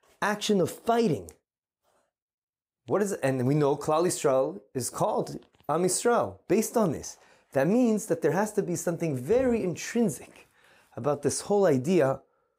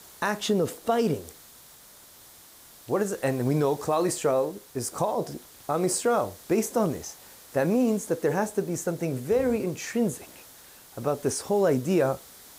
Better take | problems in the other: first | hiss; faint; throughout; 20 dB below the speech

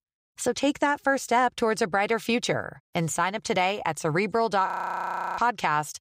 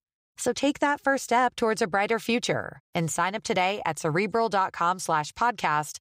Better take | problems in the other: second | audio freezing; at 4.5 s for 0.5 s

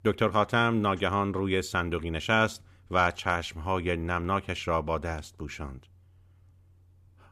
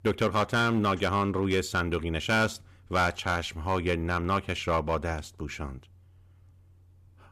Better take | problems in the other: first | distortion; slight; 4% of the sound clipped

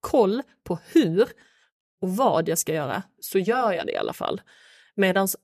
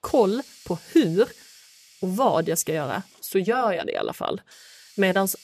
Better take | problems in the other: first | hiss; faint; throughout; 25 dB below the speech

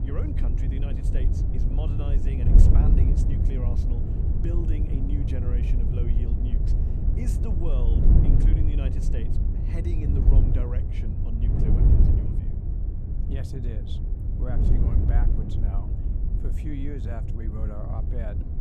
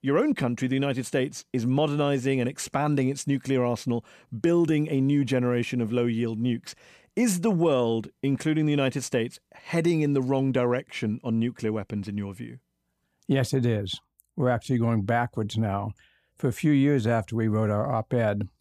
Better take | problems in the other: second | wind noise on the microphone; heavy; 3 dB above the speech

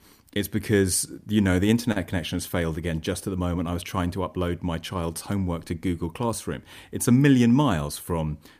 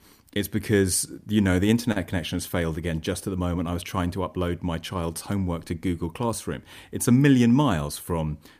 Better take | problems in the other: neither | none

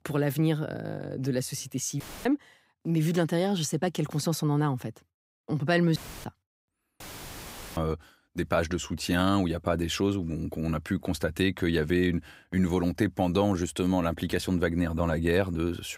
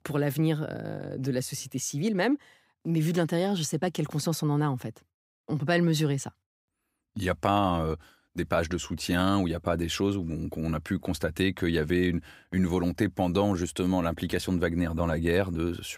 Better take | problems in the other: second | audio cutting out; filled with static; at 2 s, at 6 s and at 7 s for 1 s

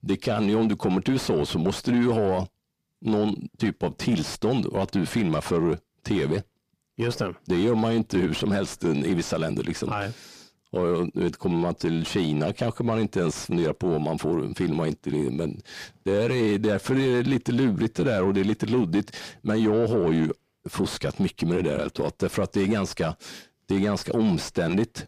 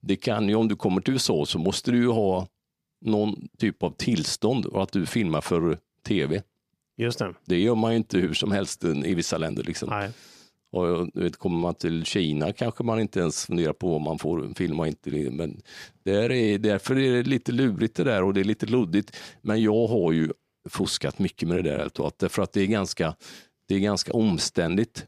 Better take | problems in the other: second | distortion; slight; 10 dB below the speech

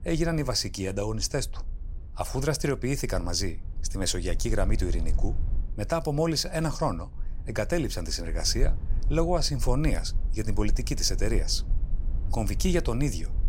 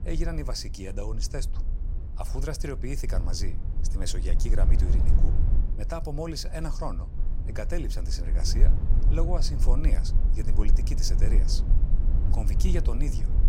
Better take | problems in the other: first | low rumble; loud; throughout; 9 dB below the speech; faint in the first

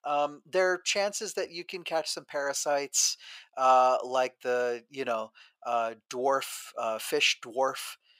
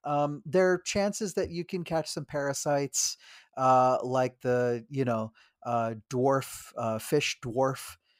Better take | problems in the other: second | thin; somewhat; fading below 500 Hz

